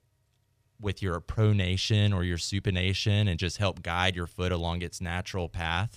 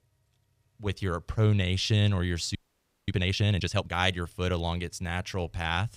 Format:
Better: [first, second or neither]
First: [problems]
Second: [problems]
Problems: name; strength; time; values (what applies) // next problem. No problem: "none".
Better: first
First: none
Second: audio freezing; at 2.5 s for 0.5 s